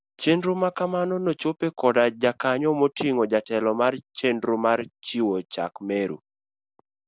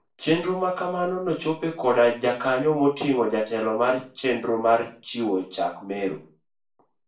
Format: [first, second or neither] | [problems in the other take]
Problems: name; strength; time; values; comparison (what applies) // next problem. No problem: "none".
first | room echo; dies away in 0.4 s